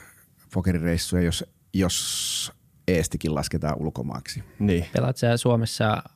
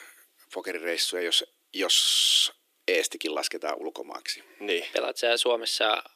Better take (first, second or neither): first